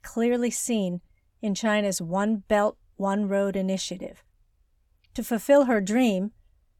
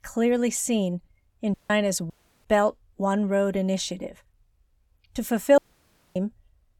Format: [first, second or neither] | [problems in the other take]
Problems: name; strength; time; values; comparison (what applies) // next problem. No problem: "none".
first | audio cutting out; at 1.5 s, at 2 s and at 5.5 s for 0.5 s